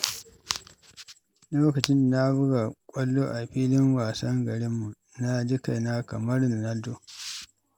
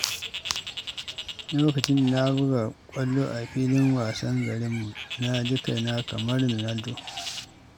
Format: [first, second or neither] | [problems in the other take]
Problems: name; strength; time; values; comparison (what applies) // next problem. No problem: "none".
first | background sound (Bird); 12 dB below the speech